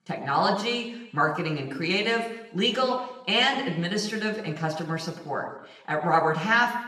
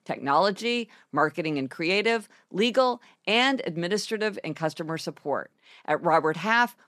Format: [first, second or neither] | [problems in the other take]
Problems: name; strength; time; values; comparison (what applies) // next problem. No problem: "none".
second | room echo; slight; dies away in 0.8 s // off-mic speech; somewhat distant